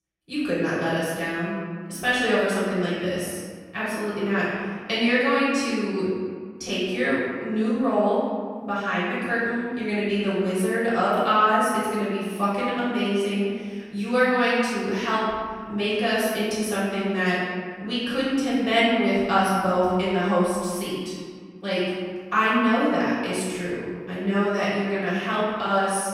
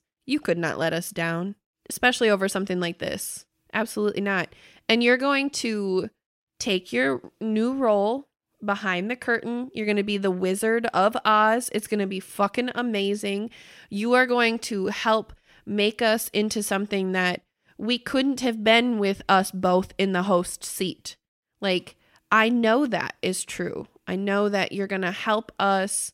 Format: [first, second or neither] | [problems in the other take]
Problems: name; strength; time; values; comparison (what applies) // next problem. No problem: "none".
second | room echo; strong; dies away in 1.6 s // off-mic speech; far